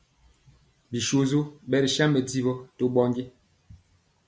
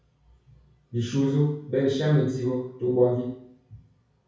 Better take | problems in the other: first | room echo; dies away in 0.6 s

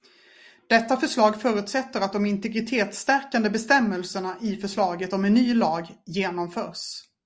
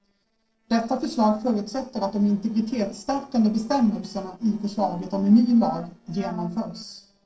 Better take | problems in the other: first | noise reduction (neural separator model SepFormer DNS4)

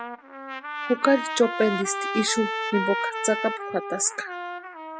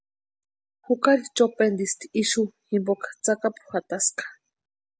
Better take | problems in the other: second | background sound (Trumpet); 5 dB below the speech

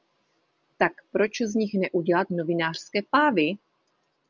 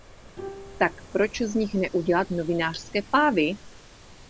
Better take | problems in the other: first | background sound (Bowed string instrument + Ocean); 17 dB below the speech

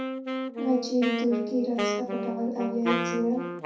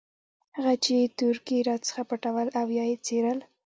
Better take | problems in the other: second | background sound (Wind instrument, woodwind instrument); 3 dB below the speech // room echo; dies away in 0.6 s

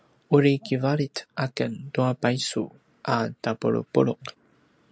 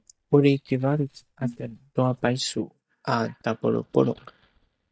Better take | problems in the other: first | noise reduction (neural mask model DeepFilterNet 3)

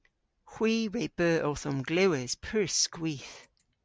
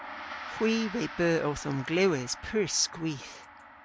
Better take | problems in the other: first | background sound (Gong); 13 dB below the speech

